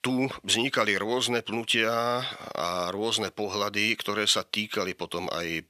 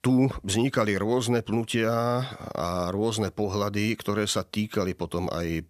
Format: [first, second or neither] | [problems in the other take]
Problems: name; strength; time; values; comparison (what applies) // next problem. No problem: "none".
second | thin; very slightly; fading below 450 Hz